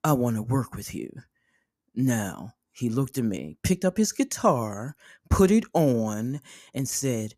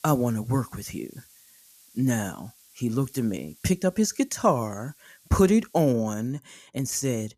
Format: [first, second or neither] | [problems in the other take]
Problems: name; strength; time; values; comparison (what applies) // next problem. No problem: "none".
first | hiss; faint; until 6 s; 25 dB below the speech